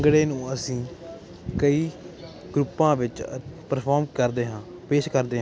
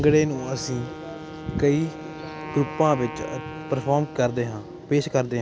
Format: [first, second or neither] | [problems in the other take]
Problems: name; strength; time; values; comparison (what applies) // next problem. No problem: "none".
first | background sound (Wind instrument, woodwind instrument); 13 dB below the speech